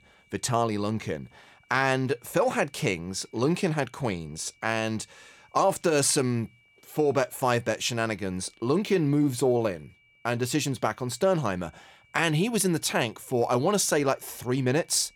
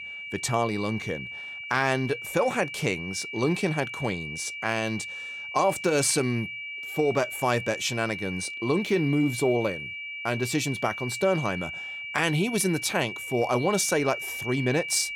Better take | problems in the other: first | high-pitched whine; loud; throughout; 2.5 kHz, 7 dB below the speech; faint in the first

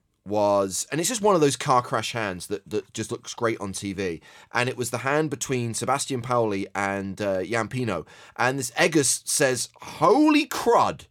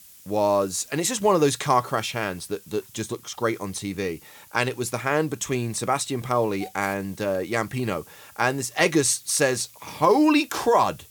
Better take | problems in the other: first | hiss; faint; throughout; 20 dB below the speech

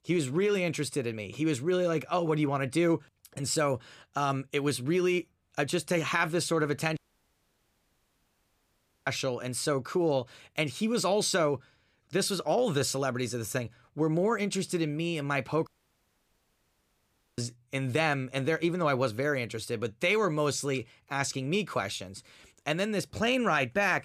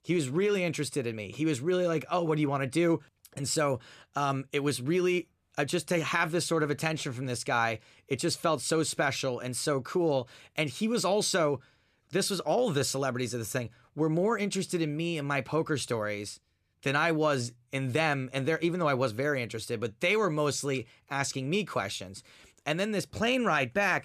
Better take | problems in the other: second | audio cutting out; at 7 s for 2 s and at 16 s for 1.5 s

